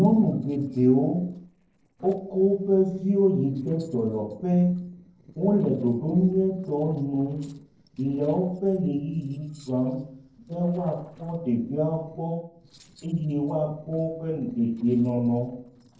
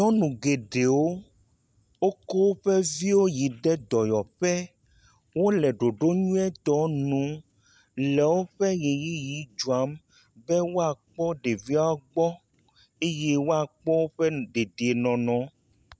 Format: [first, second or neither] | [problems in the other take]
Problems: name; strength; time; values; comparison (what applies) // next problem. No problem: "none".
second | noise reduction (neural separator model SepFormer DNS4)